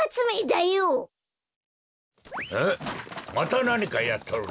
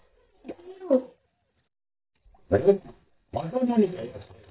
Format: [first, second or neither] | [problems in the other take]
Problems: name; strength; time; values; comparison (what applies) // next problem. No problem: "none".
first | noise reduction (neural mask model DeepFilterNet 3)